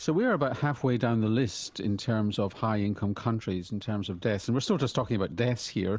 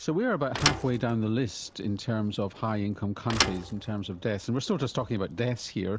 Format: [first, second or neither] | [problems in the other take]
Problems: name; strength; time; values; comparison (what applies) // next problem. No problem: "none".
first | background sound (Thump, thud); 7 dB below the speech